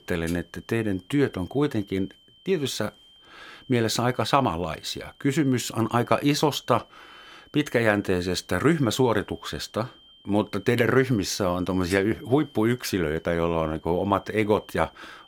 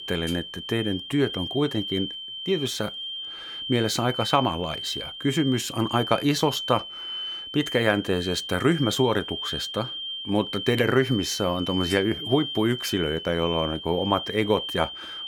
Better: first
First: high-pitched whine; faint; throughout; 3 kHz, 25 dB below the speech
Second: high-pitched whine; loud; throughout; 3 kHz, 6 dB below the speech

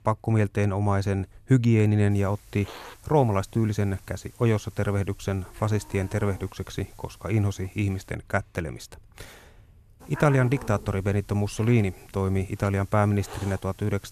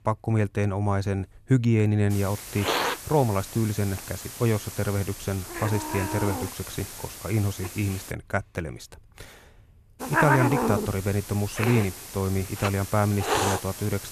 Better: first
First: hiss; faint; from 2 to 8 s and from 10 s on; 20 dB below the speech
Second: hiss; loud; from 2 to 8 s and from 10 s on; 4 dB below the speech

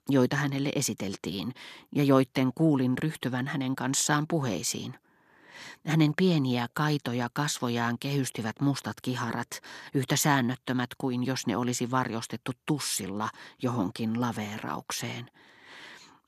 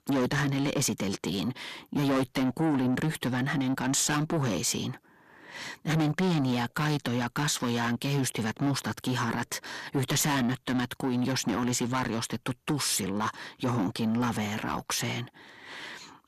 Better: first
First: none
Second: distortion; heavy; 6 dB below the speech

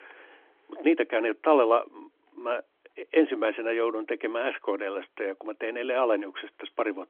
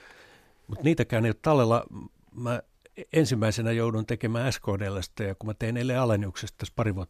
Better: second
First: phone-call audio; nothing above 3.5 kHz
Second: none

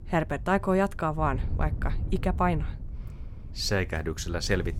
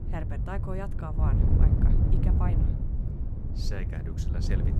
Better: first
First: wind noise on the microphone; occasional gusts; 20 dB below the speech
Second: wind noise on the microphone; heavy; as loud as the speech

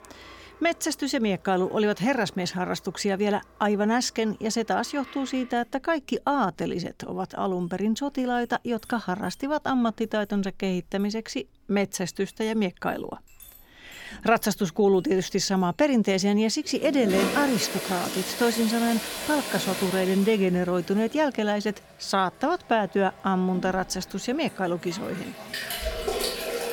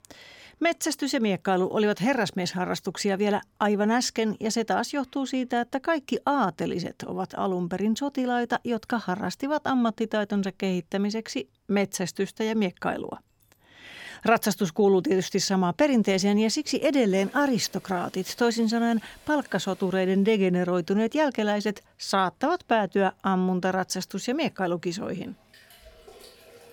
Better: second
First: household noises; loud; throughout; 6 dB below the speech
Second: household noises; faint; throughout; 25 dB below the speech

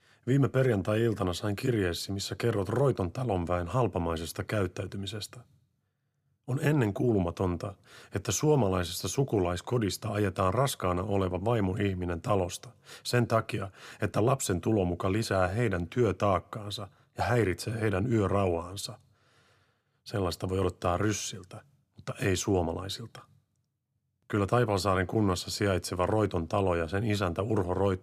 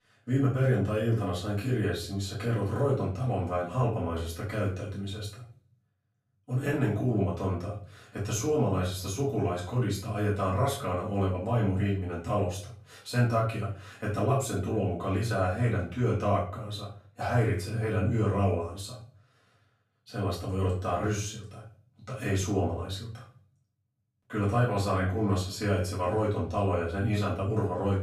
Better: first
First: none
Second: off-mic speech; far // room echo; slight; dies away in 0.4 s

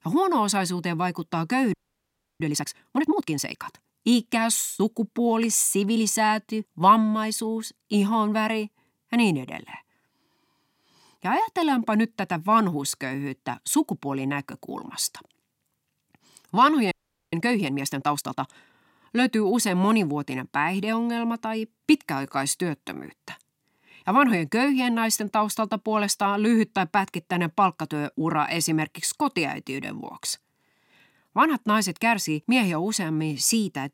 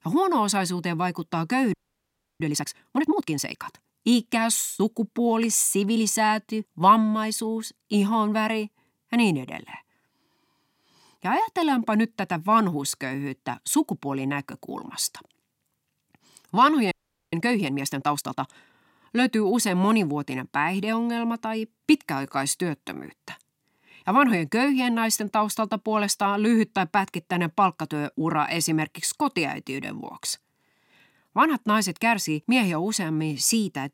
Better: neither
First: audio freezing; at 1.5 s for 0.5 s and at 17 s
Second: audio freezing; at 1.5 s for 0.5 s and at 17 s

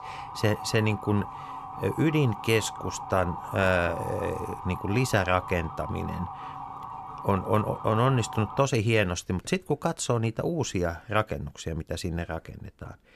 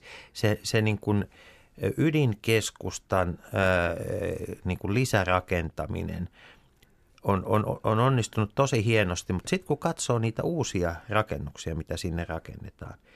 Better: second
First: siren; noticeable; until 8.5 s; peak 9 dB below the speech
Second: none

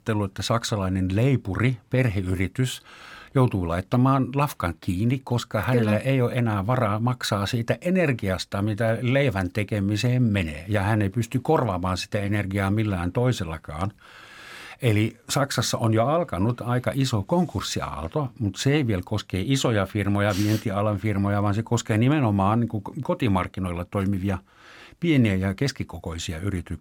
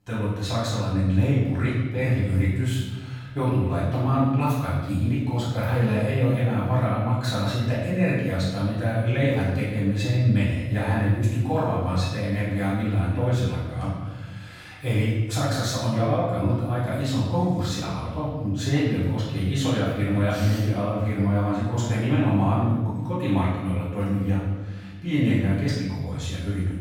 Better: first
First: none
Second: room echo; strong; dies away in 1.3 s // off-mic speech; far

